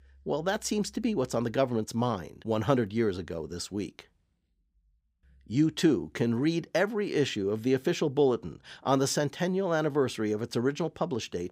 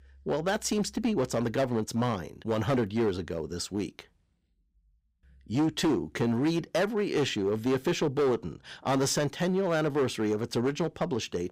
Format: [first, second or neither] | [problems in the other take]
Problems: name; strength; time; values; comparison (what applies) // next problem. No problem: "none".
first | distortion; slight; 8% of the sound clipped